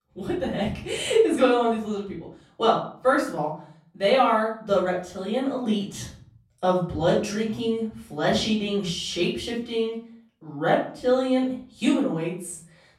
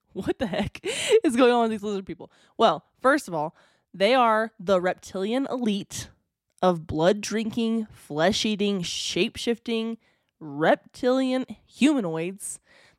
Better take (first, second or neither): second